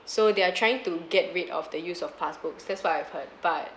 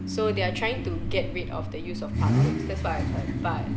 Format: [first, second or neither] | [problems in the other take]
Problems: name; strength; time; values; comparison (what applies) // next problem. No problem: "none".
first | background sound (Idling / Accelerating, revving, vroom / Car); 4 dB above the speech